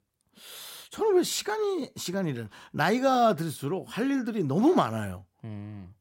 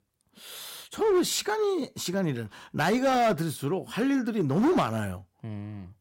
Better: first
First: none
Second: distortion; slight; 5% of the sound clipped

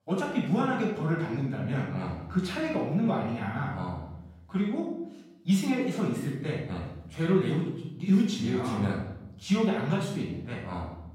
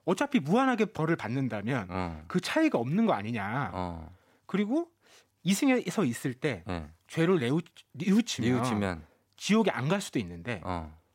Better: second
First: off-mic speech; far // room echo; noticeable; dies away in 0.9 s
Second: none

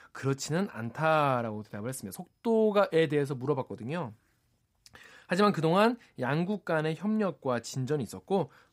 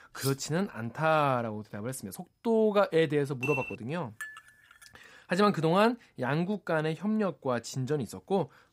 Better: first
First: none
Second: clattering dishes; noticeable; at the start and at 3.5 s; peak 4 dB below the speech // clattering dishes; faint; at 4 s; peak 15 dB below the speech

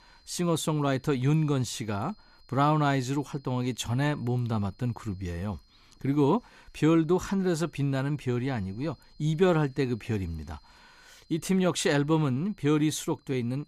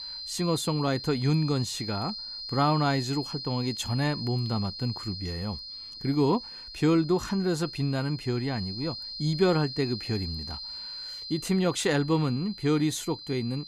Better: first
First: high-pitched whine; faint; throughout; 4 kHz, 35 dB below the speech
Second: high-pitched whine; loud; throughout; 4 kHz, 9 dB below the speech

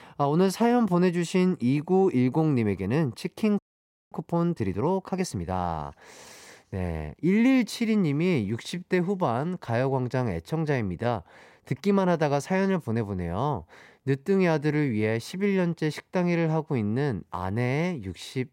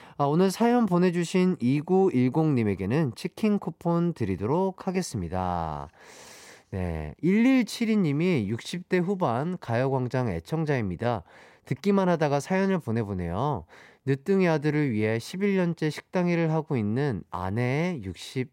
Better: second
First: audio freezing; at 3.5 s for 0.5 s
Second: none

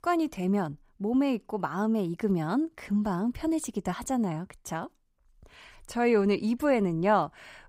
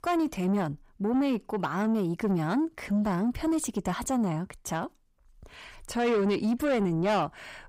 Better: first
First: none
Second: distortion; slight; 10 dB below the speech

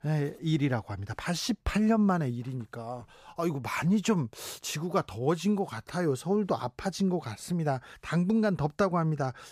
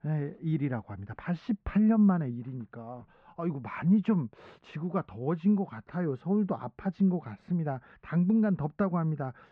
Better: first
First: none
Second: muffled; very; fading above 2 kHz

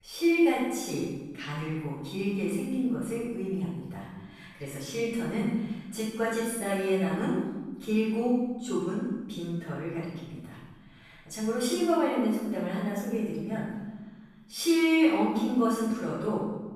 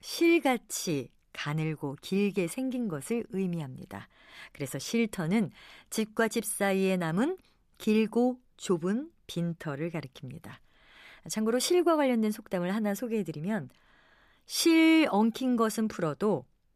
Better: second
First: off-mic speech; far // room echo; strong; dies away in 1.1 s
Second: none

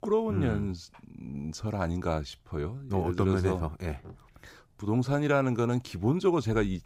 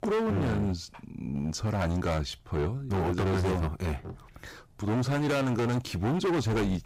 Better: first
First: none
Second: distortion; heavy; 24% of the sound clipped

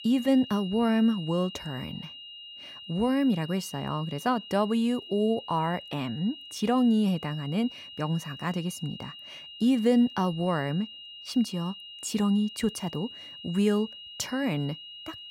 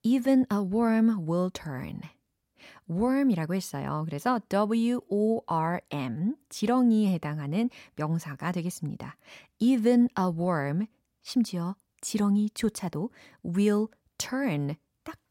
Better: second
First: high-pitched whine; noticeable; throughout; 3 kHz, 15 dB below the speech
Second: none

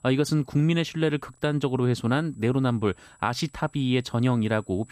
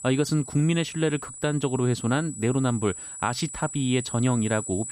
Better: first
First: high-pitched whine; faint; throughout; 8 kHz, 30 dB below the speech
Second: high-pitched whine; loud; throughout; 8 kHz, 10 dB below the speech

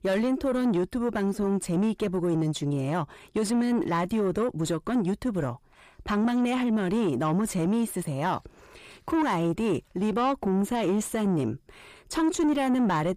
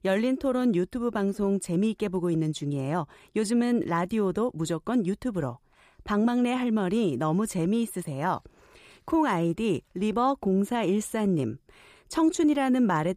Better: second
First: distortion; slight; 10 dB below the speech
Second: none

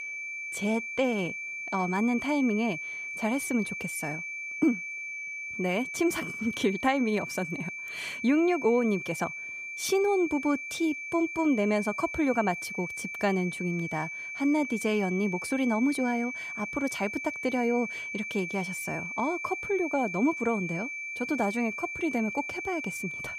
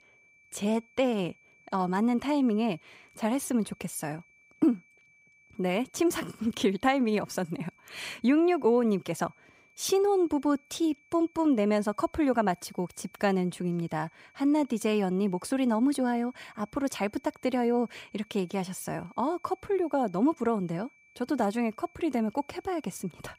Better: second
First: high-pitched whine; loud; throughout; 2.5 kHz, 5 dB below the speech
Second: high-pitched whine; faint; throughout; 2.5 kHz, 30 dB below the speech

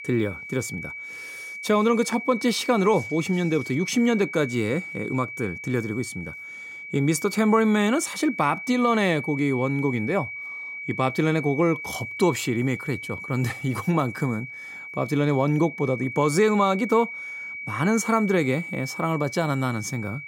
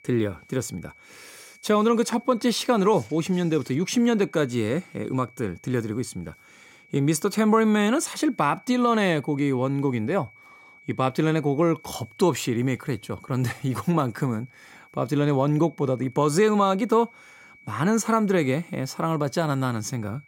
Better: second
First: high-pitched whine; loud; throughout; 2.5 kHz, 10 dB below the speech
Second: high-pitched whine; faint; throughout; 2.5 kHz, 25 dB below the speech

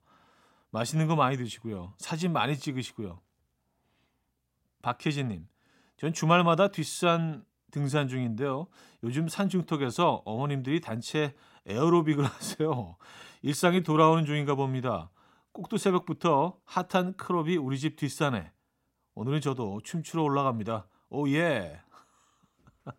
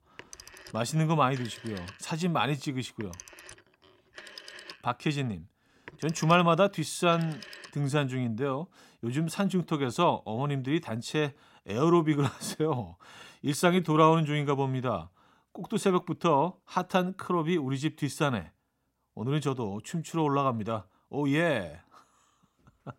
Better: first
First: none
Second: phone ringing; faint; until 7.5 s; peak 15 dB below the speech

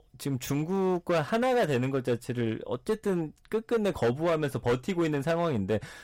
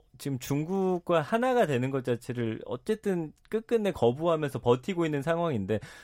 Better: second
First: distortion; slight; 10% of the sound clipped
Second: none

